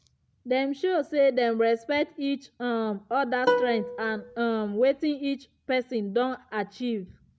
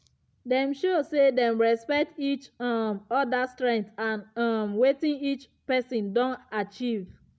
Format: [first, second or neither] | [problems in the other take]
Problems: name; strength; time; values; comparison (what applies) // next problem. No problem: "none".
second | background sound (Plucked string instrument); 3 dB below the speech